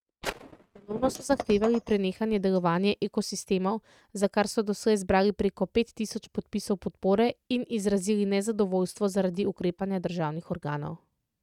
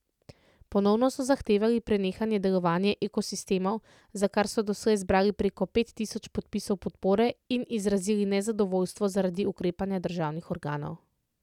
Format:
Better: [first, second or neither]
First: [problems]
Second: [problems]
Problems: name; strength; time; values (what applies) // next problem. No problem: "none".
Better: second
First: noise reduction (neural mask model RNNoise)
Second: none